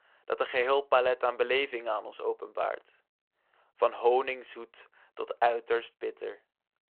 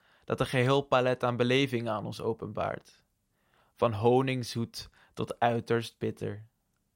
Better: second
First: phone-call audio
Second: none

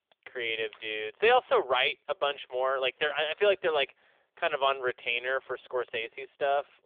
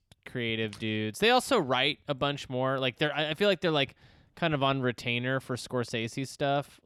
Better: second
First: phone-call audio; nothing above 3.5 kHz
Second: none

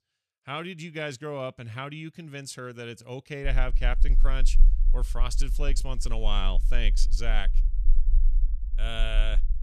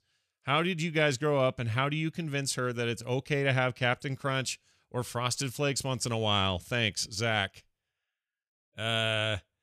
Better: second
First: low rumble; faint; from 3.5 s on; 20 dB below the speech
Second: none

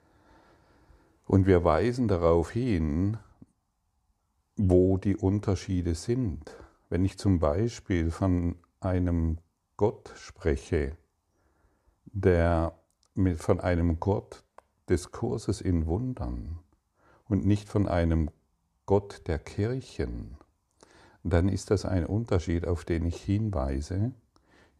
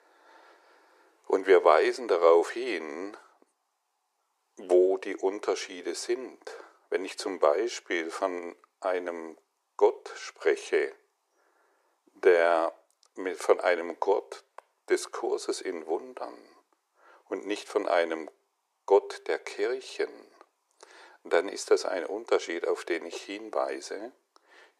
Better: first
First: none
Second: thin; very; fading below 400 Hz

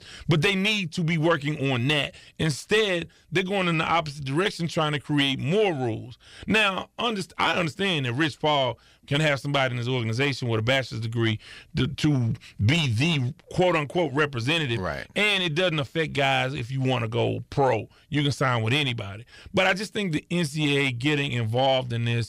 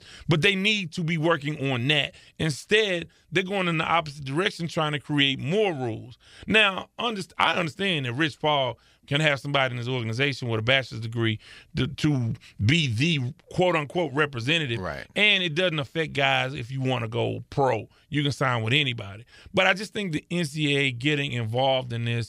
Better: second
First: distortion; slight; 10 dB below the speech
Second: none

